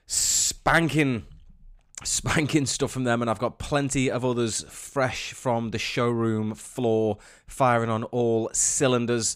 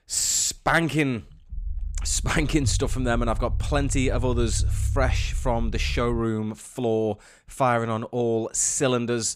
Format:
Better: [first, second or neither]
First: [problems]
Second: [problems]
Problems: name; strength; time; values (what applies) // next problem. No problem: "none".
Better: first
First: none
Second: low rumble; faint; from 1.5 to 6 s; 20 dB below the speech